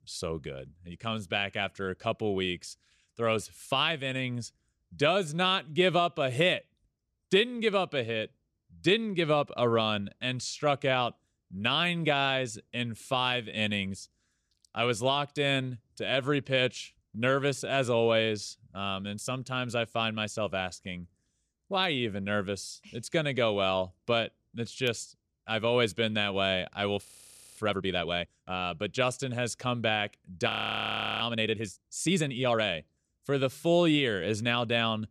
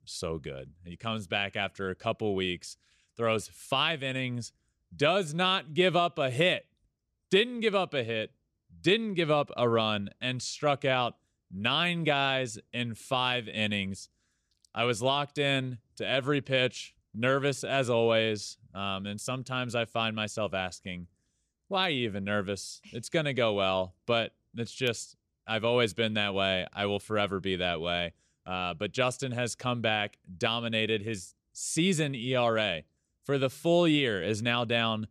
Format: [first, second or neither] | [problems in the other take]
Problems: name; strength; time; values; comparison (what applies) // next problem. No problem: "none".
second | audio freezing; at 27 s for 0.5 s and at 30 s for 0.5 s